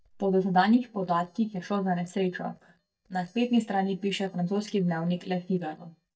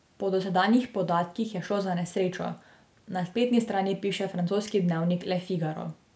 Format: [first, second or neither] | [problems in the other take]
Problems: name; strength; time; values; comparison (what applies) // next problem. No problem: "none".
second | noise reduction (neural mask model DeepFilterNet 3)